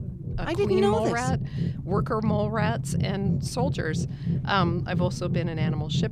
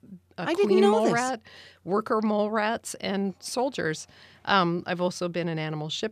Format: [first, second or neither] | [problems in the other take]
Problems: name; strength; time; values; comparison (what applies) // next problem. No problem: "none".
second | low rumble; noticeable; throughout; 10 dB below the speech